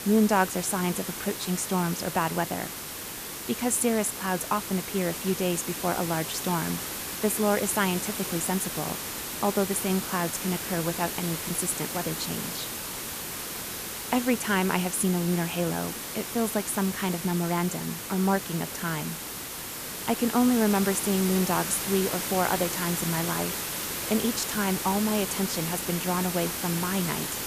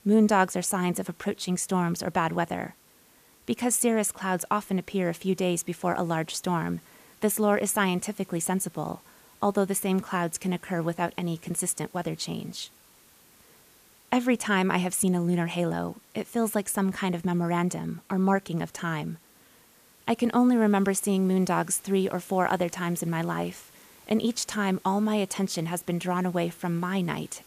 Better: second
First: hiss; loud; throughout; 4 dB below the speech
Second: hiss; faint; throughout; 25 dB below the speech

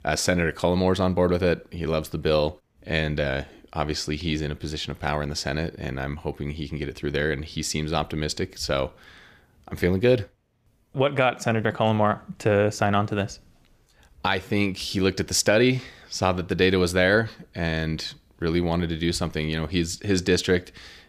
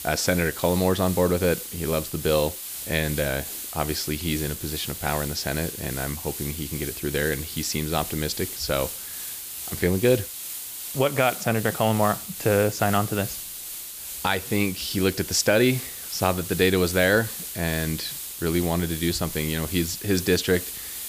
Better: first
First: none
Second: hiss; loud; throughout; 7 dB below the speech

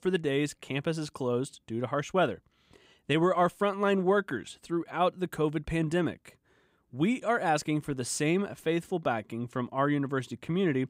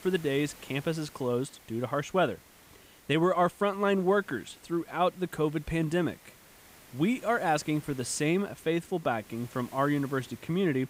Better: first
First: none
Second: hiss; faint; throughout; 25 dB below the speech

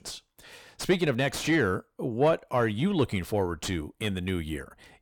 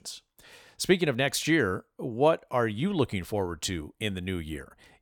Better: second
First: distortion; slight; 10 dB below the speech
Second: none

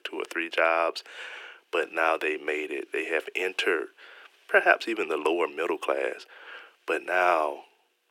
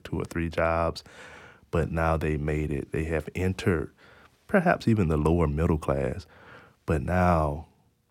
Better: second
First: thin; very; fading below 350 Hz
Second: none

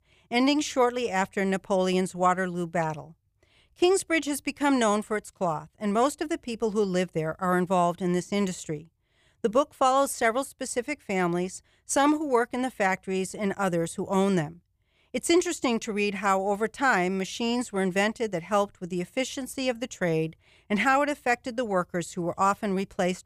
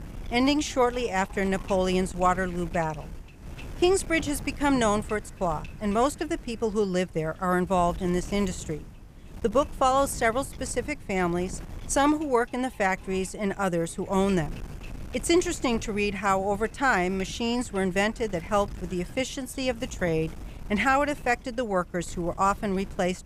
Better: first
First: none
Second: wind noise on the microphone; occasional gusts; 20 dB below the speech

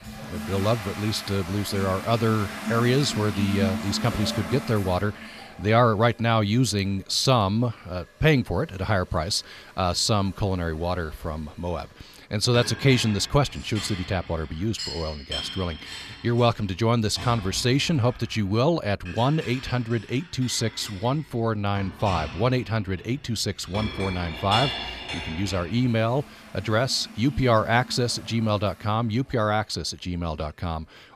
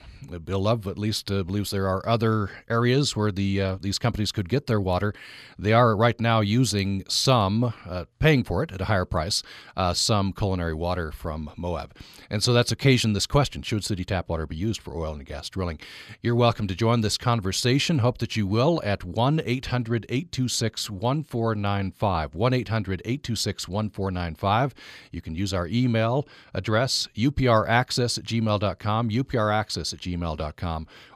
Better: second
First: household noises; loud; throughout; 10 dB below the speech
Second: none

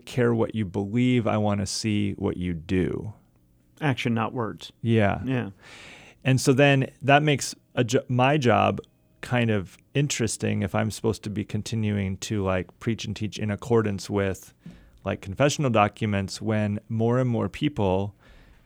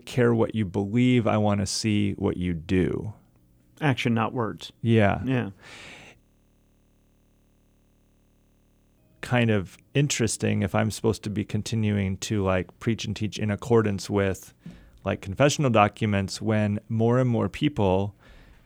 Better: first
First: none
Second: audio freezing; at 6 s for 3 s

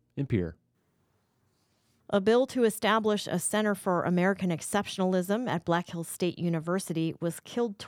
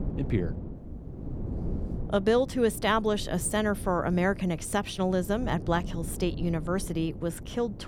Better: first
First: none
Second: wind noise on the microphone; occasional gusts; 15 dB below the speech

